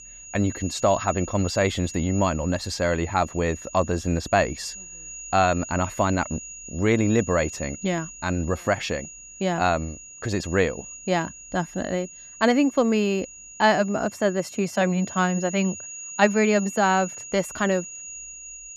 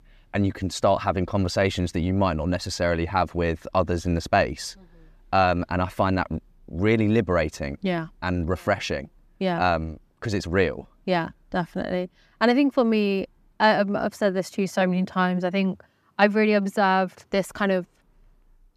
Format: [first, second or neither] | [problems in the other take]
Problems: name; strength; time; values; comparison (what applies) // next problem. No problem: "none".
second | high-pitched whine; noticeable; throughout; 7 kHz, 15 dB below the speech